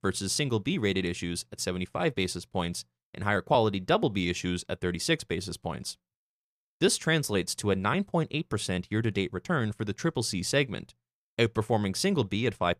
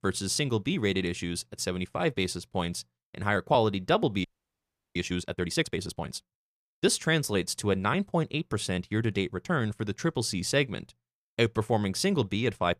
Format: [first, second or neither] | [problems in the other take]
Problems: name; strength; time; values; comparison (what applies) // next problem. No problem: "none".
first | audio freezing; at 4 s for 0.5 s